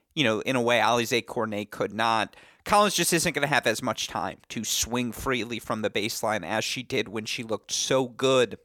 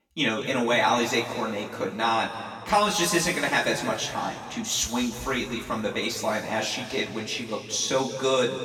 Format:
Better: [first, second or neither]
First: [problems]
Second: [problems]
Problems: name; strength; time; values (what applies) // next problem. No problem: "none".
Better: first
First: none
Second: room echo; noticeable; dies away in 2.2 s // off-mic speech; far